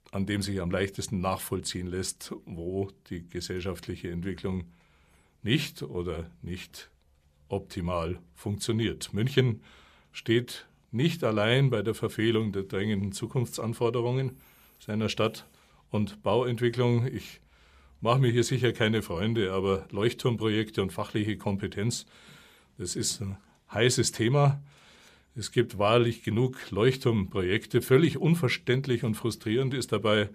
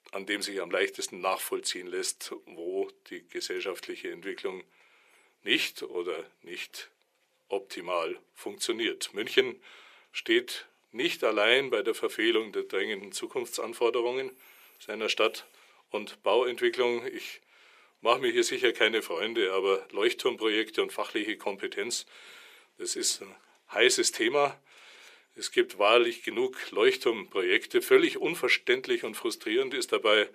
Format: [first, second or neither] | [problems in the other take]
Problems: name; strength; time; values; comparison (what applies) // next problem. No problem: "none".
first | thin; very; fading below 350 Hz